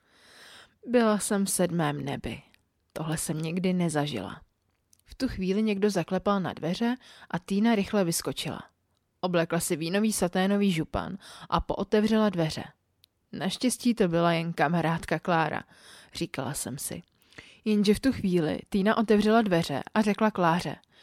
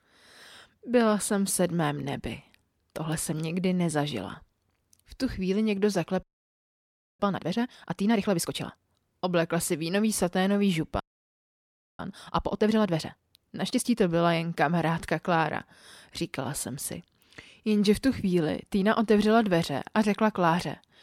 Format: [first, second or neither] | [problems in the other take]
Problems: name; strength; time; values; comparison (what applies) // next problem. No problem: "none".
first | audio freezing; at 6 s for 1 s and at 11 s for 1 s